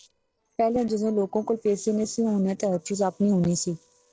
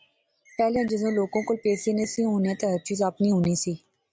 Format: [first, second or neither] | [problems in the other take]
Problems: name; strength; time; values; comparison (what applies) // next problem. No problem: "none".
second | noise reduction (neural separator model SepFormer DNS4)